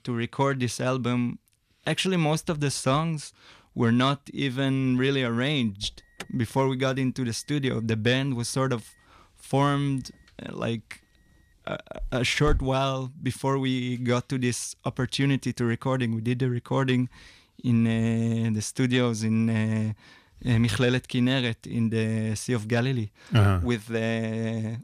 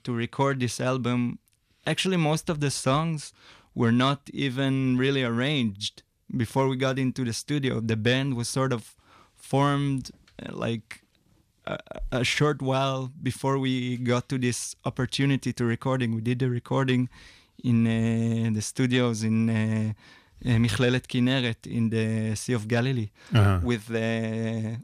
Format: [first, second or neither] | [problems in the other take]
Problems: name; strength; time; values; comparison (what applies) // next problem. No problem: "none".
second | alarm; noticeable; from 6 to 13 s; peak 7 dB below the speech